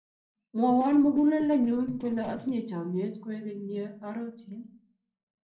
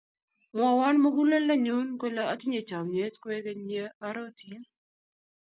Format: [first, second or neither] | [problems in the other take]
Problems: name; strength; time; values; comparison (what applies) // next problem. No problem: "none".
second | noise reduction (neural separator model SepFormer DNS4)